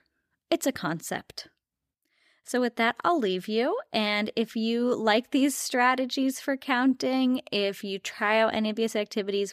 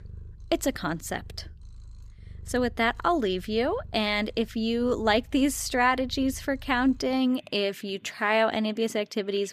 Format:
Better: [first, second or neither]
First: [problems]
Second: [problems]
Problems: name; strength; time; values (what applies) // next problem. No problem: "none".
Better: first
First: none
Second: animal sounds; faint; throughout; 20 dB below the speech